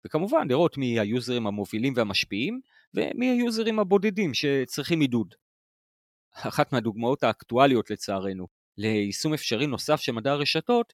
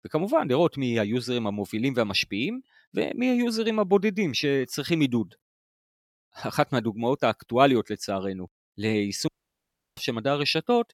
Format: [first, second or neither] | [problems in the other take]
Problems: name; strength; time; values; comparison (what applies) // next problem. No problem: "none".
first | audio cutting out; at 9.5 s for 0.5 s